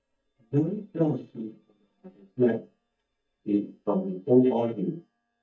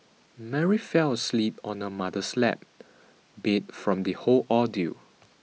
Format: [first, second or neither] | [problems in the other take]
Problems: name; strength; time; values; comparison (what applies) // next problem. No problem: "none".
second | noise reduction (neural mask model DeepFilterNet 3)